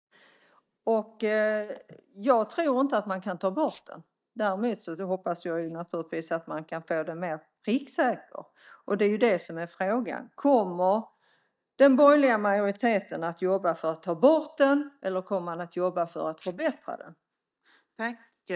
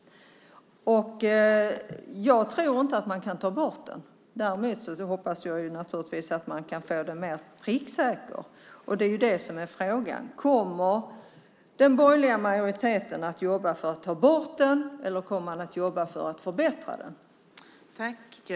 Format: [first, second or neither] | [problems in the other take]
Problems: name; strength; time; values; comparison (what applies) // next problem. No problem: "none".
second | noise reduction (neural mask model DeepFilterNet 3)